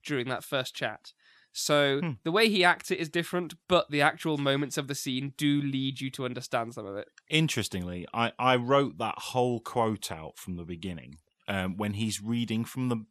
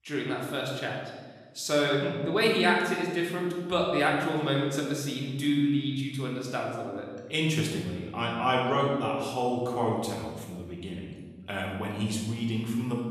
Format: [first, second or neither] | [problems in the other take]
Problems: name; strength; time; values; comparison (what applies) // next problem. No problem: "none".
first | room echo; noticeable; dies away in 1.3 s // off-mic speech; far